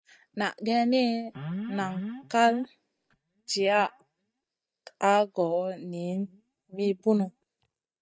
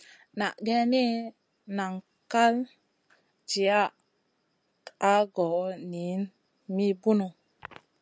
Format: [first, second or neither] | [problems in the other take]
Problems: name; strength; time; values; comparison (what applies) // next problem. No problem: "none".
second | noise reduction (neural mask model DeepFilterNet 3)